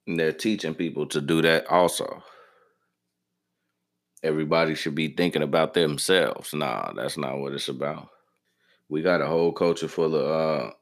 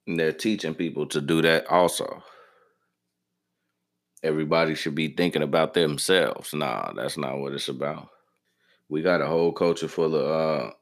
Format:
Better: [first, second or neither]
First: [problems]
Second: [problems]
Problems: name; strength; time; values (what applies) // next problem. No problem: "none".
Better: neither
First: none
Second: none